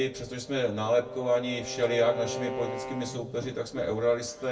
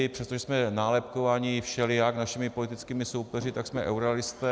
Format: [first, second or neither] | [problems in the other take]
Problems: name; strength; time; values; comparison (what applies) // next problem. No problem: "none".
second | background sound (Bowed string instrument); 11 dB below the speech // room echo; dies away in 0.2 s